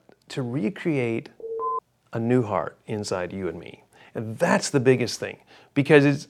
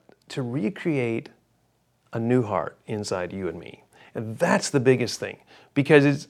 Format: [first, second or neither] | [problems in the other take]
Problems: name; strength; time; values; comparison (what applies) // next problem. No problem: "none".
second | alarm; noticeable; at 1.5 s; peak 4 dB below the speech